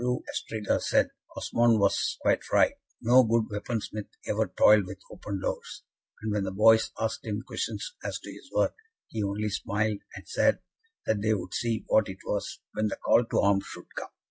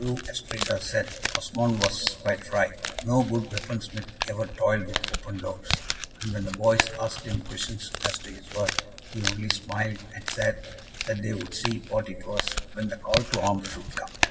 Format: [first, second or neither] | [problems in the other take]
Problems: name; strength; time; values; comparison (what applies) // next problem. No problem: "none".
first | background sound (Crumpling, crinkling); 4 dB below the speech // room echo; dies away in 2.1 s